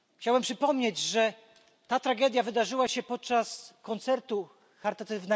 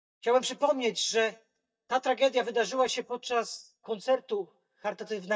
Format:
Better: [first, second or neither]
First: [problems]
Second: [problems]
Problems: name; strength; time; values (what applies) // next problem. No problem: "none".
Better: first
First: none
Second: noise reduction (neural mask model DeepFilterNet 3)